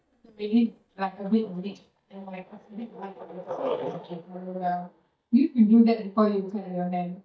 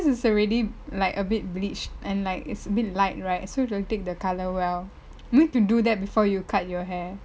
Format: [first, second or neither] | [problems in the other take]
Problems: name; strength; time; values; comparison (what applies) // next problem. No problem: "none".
second | noise reduction (neural mask model DeepFilterNet 3)